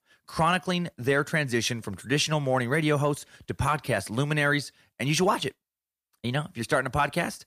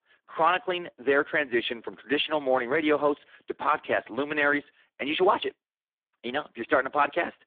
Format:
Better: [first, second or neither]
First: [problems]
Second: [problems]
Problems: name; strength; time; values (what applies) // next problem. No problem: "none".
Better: first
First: none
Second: phone-call audio; poor line; nothing above 3.5 kHz